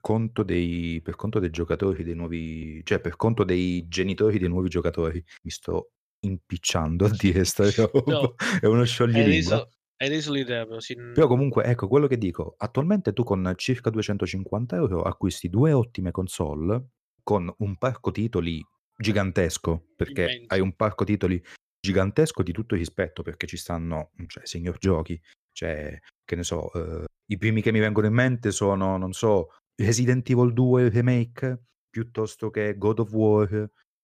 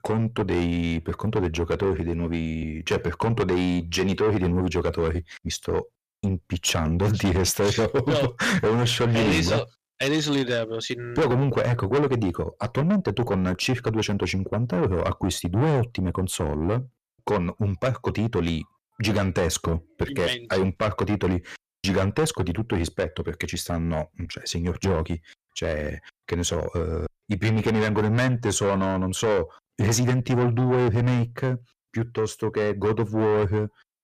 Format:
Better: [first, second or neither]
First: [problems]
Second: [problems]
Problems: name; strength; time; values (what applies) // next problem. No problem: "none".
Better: first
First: none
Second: distortion; heavy; 6 dB below the speech